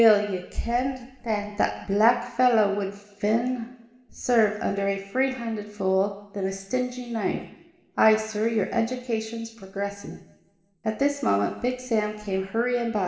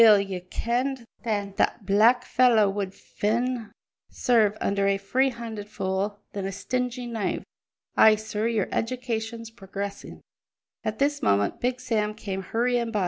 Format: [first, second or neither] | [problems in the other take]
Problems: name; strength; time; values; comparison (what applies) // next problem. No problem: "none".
second | room echo; dies away in 1 s